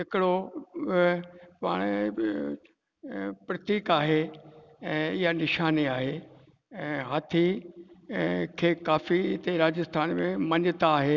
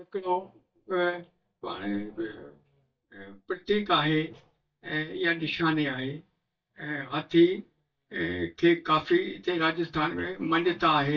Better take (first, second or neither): first